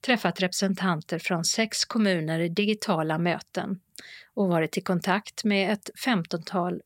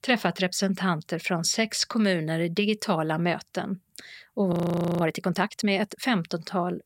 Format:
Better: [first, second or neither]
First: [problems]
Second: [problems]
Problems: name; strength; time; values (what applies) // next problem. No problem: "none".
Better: first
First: none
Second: audio freezing; at 4.5 s